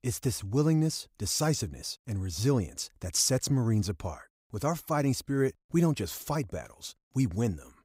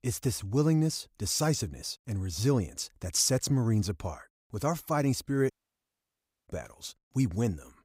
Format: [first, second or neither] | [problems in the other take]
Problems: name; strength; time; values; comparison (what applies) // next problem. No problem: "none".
first | audio cutting out; at 5.5 s for 1 s